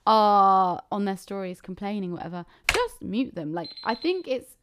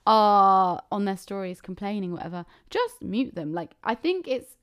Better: second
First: keyboard typing; noticeable; at 2.5 s; peak 1 dB below the speech // alarm; faint; at 3.5 s; peak 15 dB below the speech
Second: none

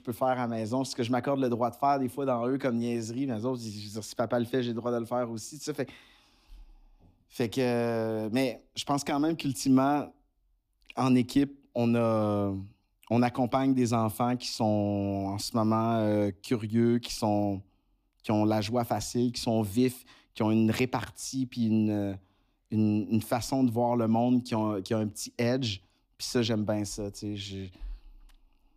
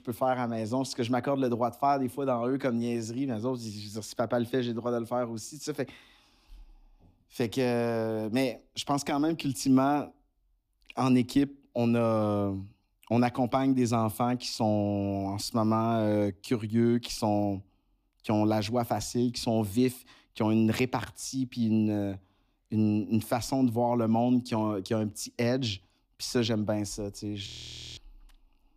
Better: first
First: none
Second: audio freezing; at 27 s for 0.5 s

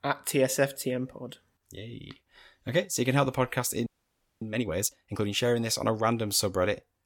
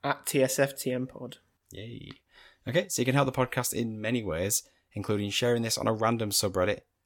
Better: second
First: audio freezing; at 4 s for 0.5 s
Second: none

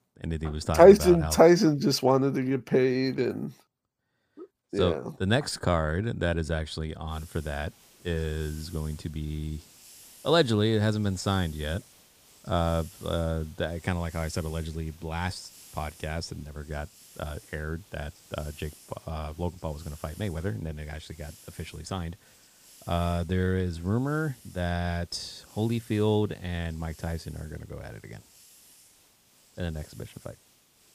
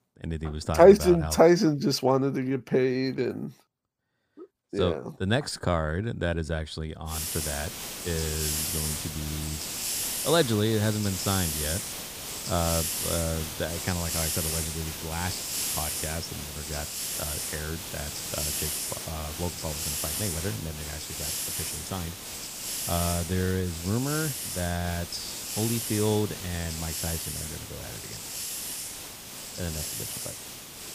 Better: first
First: hiss; faint; from 7 s on; 25 dB below the speech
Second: hiss; loud; from 7 s on; 3 dB below the speech

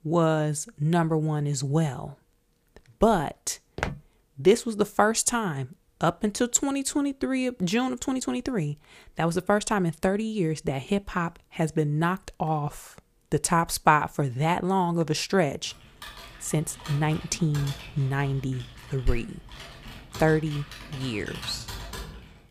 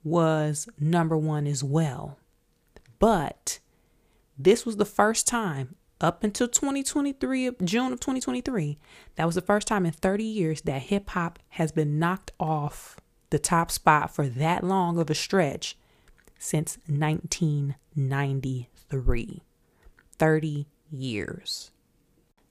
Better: second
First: footsteps; noticeable; at 4 s; peak 7 dB below the speech // keyboard typing; faint; from 16 s on; peak 10 dB below the speech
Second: none

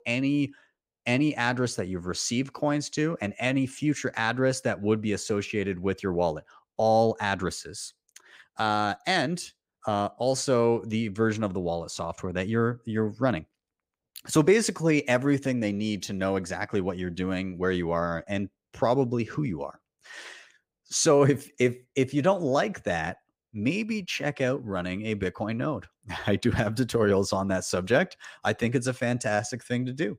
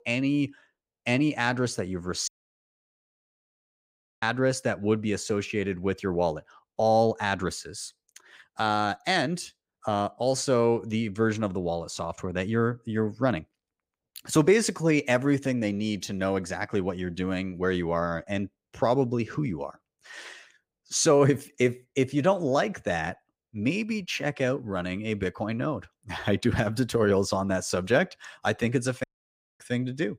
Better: first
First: none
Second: audio cutting out; at 2.5 s for 2 s and at 29 s for 0.5 s

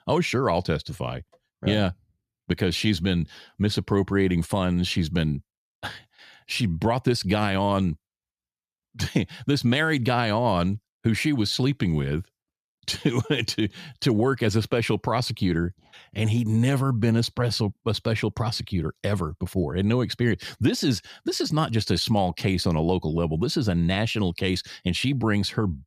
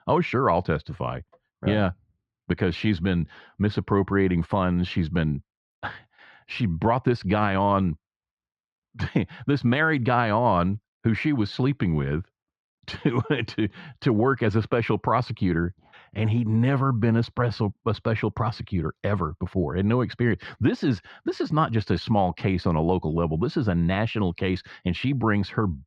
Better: first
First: none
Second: muffled; slightly; fading above 2.5 kHz

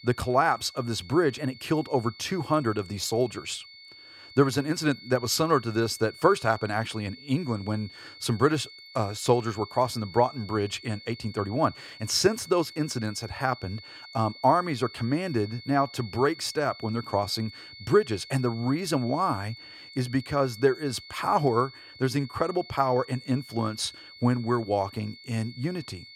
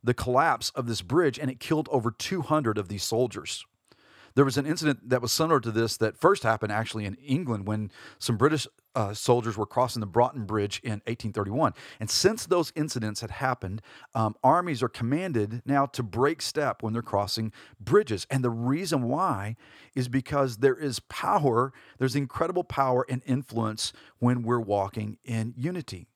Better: second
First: high-pitched whine; noticeable; throughout; 4.5 kHz, 15 dB below the speech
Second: none

